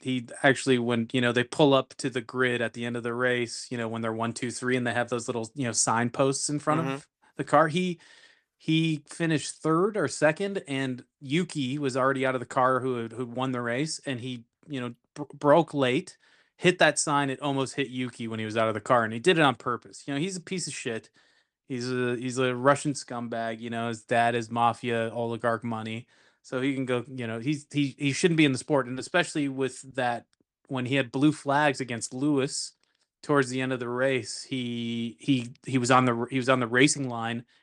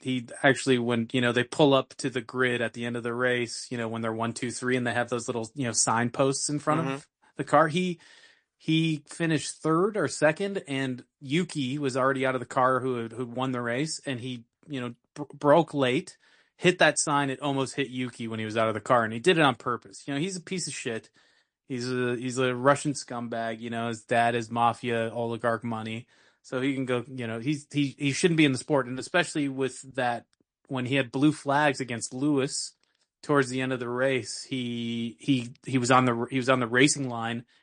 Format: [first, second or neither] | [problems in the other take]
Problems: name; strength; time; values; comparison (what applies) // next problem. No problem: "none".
first | garbled, watery; slightly; nothing above 9 kHz